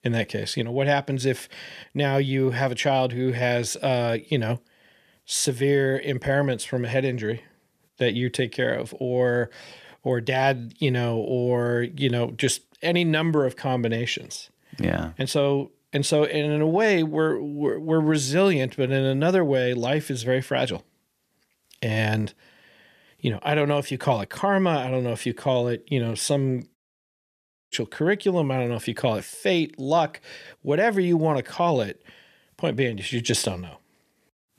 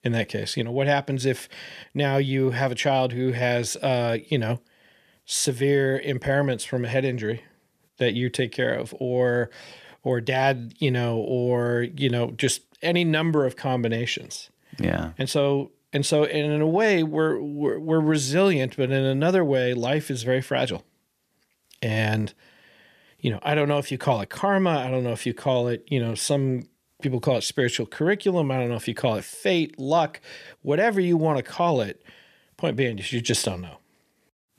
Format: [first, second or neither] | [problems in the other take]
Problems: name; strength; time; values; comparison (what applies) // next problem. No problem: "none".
second | audio cutting out; at 27 s for 1 s